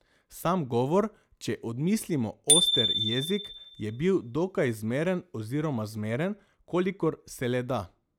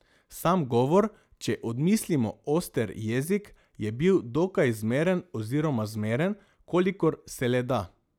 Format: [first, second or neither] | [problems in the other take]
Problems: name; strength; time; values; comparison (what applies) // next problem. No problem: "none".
second | background sound (Bicycle bell); as loud as the speech